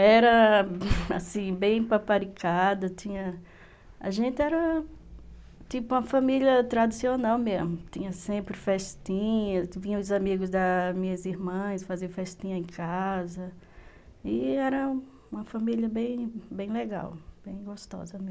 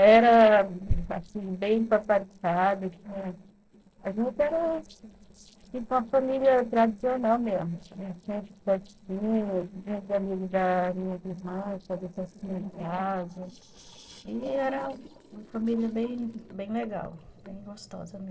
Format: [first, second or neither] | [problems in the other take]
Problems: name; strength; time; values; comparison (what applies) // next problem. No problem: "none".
first | noise reduction (neural separator model SepFormer DNS4)